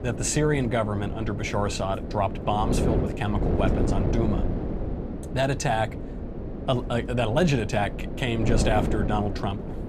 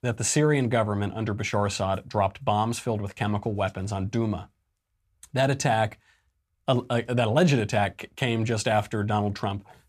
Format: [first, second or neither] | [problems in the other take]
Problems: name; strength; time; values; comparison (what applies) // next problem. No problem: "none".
second | wind noise on the microphone; heavy; 7 dB below the speech